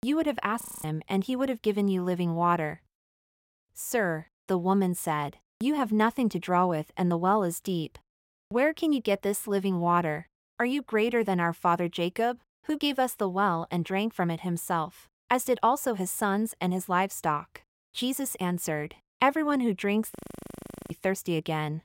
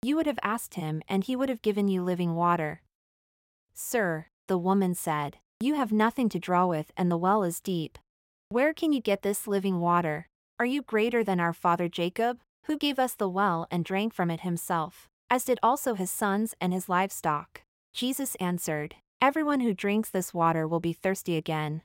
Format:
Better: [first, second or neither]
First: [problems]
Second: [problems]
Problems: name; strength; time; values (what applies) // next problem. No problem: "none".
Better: second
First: audio freezing; at 0.5 s and at 20 s for 1 s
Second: none